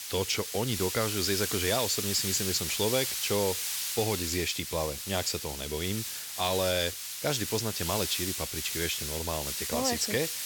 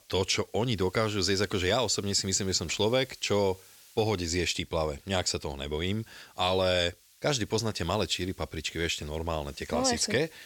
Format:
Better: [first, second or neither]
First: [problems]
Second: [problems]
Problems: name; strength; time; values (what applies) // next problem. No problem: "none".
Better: second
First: hiss; loud; throughout; 2 dB below the speech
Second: hiss; faint; throughout; 25 dB below the speech